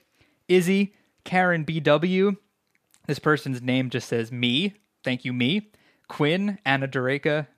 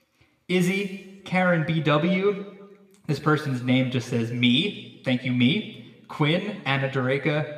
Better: first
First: none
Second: room echo; slight; dies away in 1.2 s

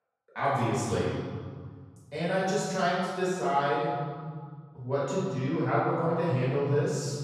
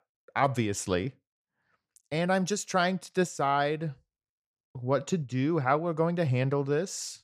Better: second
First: room echo; strong; dies away in 1.8 s // off-mic speech; far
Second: none

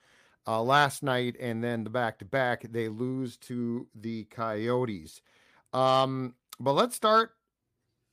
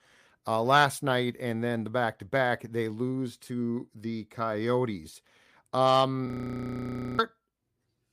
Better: first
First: none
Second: audio freezing; at 6.5 s for 1 s

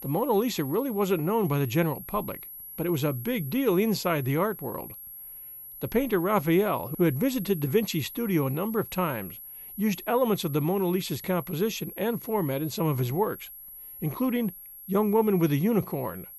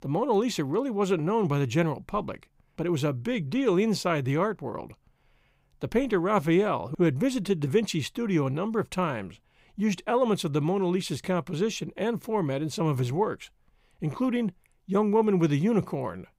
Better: second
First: high-pitched whine; noticeable; throughout; 11.5 kHz, 15 dB below the speech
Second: none

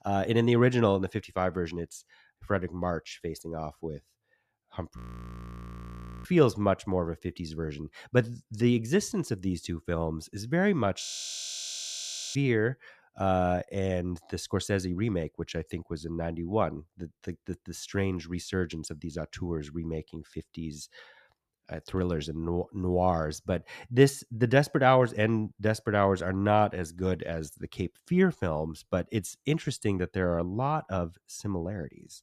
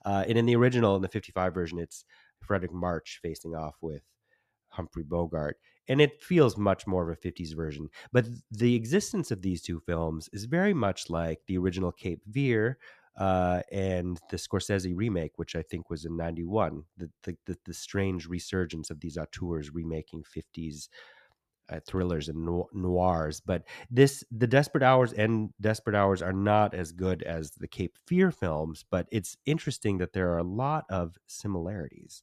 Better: second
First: audio freezing; at 5 s for 1.5 s and at 11 s for 1.5 s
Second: none

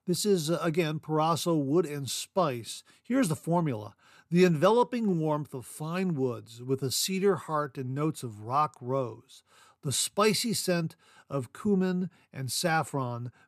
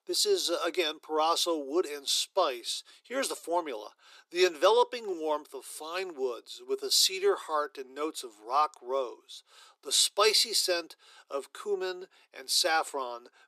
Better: first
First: none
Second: thin; very; fading below 350 Hz

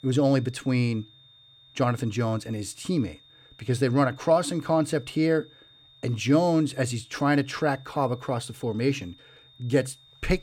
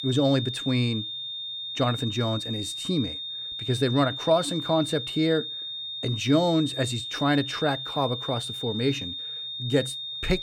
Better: first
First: high-pitched whine; faint; throughout; 3.5 kHz, 25 dB below the speech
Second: high-pitched whine; loud; throughout; 3.5 kHz, 5 dB below the speech

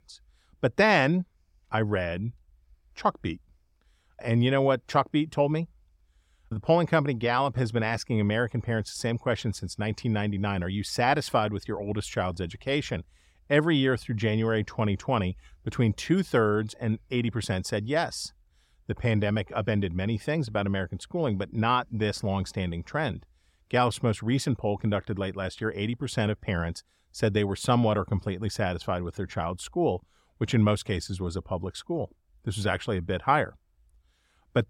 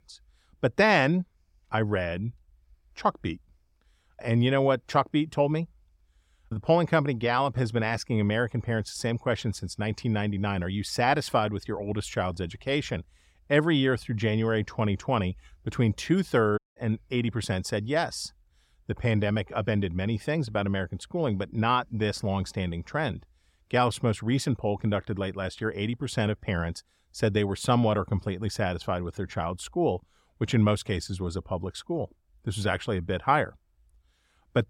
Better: first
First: none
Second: audio cutting out; at 17 s

